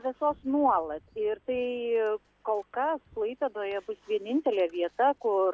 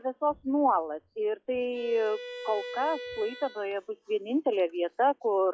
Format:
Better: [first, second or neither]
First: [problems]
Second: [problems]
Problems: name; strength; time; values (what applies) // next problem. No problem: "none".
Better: first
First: none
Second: noise reduction (classical method log-MMSE)